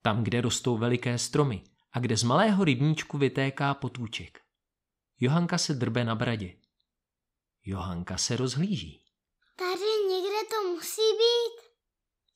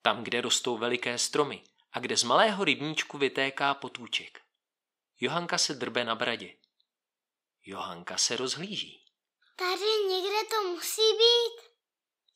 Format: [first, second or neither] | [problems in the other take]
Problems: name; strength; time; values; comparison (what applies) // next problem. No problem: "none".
first | thin; somewhat; fading below 400 Hz